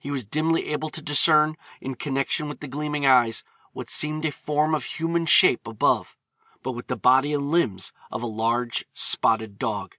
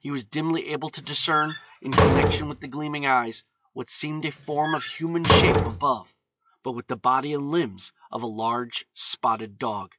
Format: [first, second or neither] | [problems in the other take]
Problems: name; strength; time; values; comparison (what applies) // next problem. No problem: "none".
first | noise reduction (classical method log-MMSE)